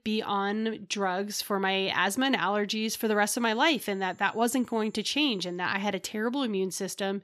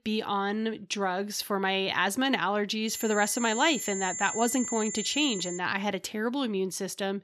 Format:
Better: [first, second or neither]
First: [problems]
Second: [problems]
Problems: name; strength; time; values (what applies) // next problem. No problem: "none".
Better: first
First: high-pitched whine; faint; from 3 to 5.5 s; 7 kHz, 35 dB below the speech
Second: high-pitched whine; loud; from 3 to 5.5 s; 7 kHz, 6 dB below the speech